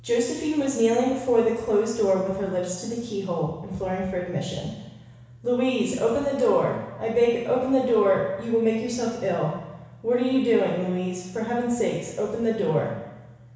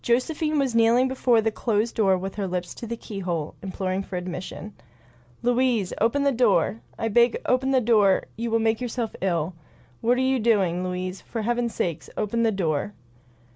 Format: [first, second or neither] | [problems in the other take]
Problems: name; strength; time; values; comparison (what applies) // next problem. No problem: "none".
second | room echo; dies away in 1.1 s